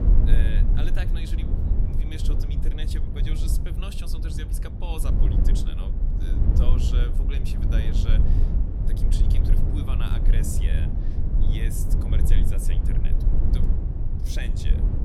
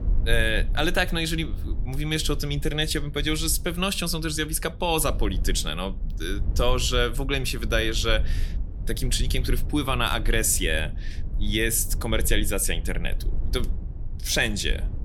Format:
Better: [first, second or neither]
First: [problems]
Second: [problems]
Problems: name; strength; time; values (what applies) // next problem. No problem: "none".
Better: second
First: low rumble; loud; throughout; as loud as the speech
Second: low rumble; faint; throughout; 20 dB below the speech